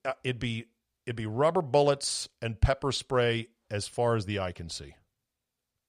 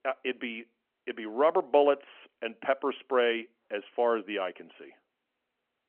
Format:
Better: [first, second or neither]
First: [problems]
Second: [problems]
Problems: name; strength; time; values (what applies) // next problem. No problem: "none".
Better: first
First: none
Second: phone-call audio; nothing above 3 kHz